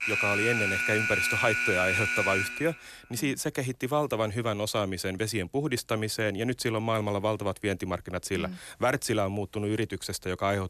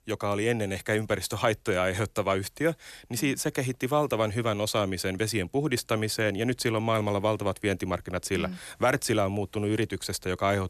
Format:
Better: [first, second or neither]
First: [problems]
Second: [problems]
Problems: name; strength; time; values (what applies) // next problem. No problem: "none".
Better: second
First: alarm; loud; until 2.5 s; peak 4 dB above the speech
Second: none